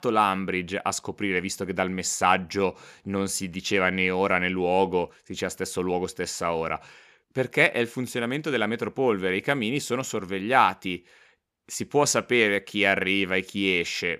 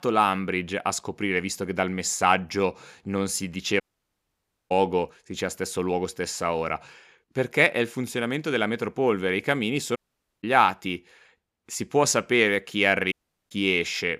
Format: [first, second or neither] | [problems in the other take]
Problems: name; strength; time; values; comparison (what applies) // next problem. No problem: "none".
first | audio cutting out; at 4 s for 1 s, at 10 s and at 13 s